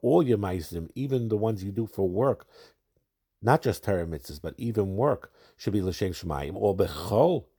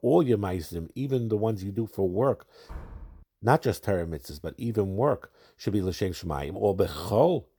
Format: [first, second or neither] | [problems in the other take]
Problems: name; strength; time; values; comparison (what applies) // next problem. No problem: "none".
first | door banging; faint; at 2.5 s; peak 15 dB below the speech